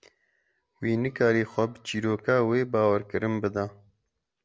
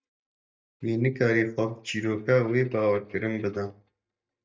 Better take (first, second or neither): first